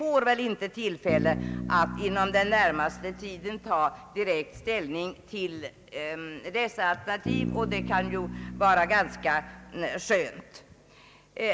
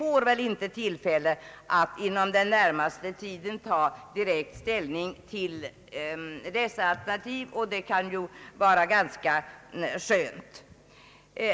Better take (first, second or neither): second